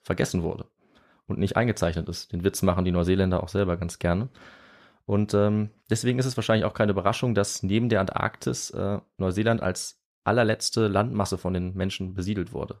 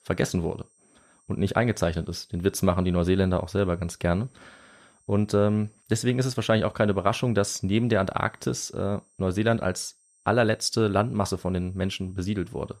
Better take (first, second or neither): first